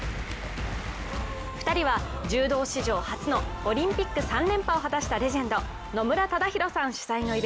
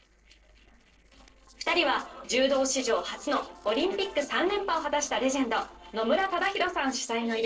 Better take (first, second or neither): first